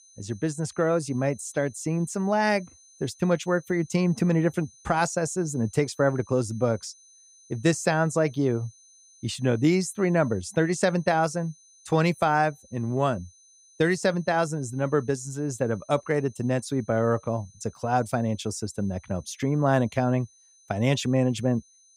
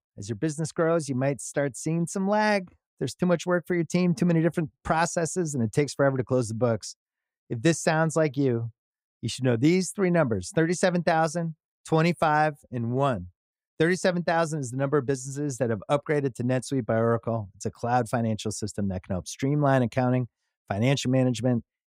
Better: second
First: high-pitched whine; faint; throughout; 6 kHz, 25 dB below the speech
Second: none

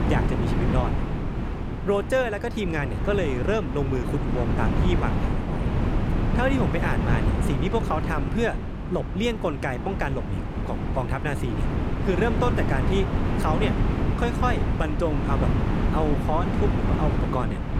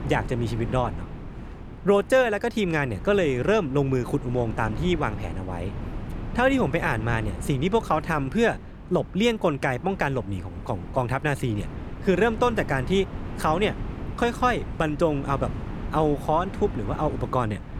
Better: second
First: wind noise on the microphone; heavy; 4 dB below the speech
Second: wind noise on the microphone; occasional gusts; 15 dB below the speech

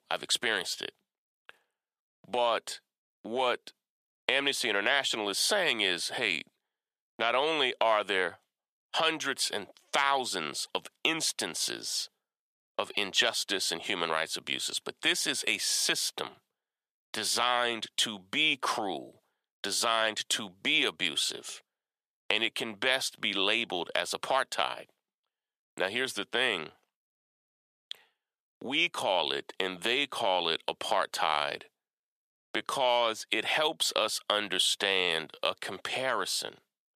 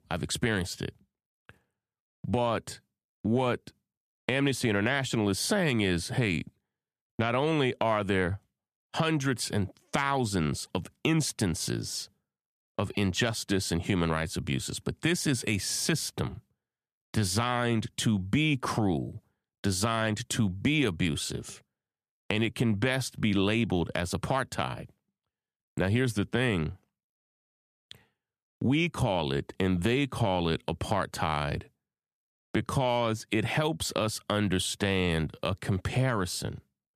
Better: second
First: thin; very; fading below 600 Hz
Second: none

